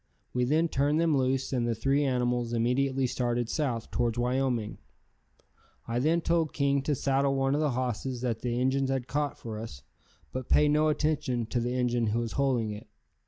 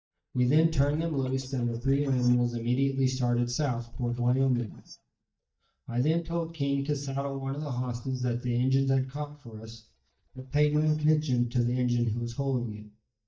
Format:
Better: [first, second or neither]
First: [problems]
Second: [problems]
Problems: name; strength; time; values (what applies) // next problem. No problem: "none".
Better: first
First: none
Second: noise reduction (neural mask model DeepFilterNet 3)